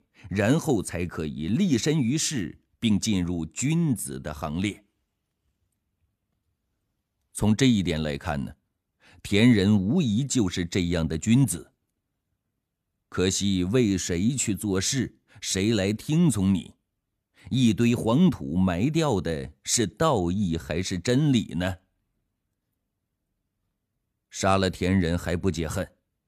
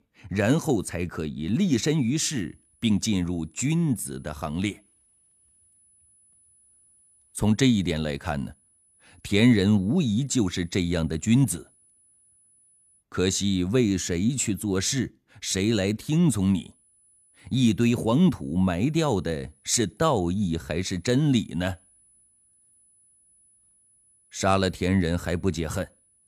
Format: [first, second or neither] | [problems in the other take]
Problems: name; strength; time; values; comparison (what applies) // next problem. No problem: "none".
first | high-pitched whine; faint; from 2 to 13 s and from 16 s on; 10 kHz, 35 dB below the speech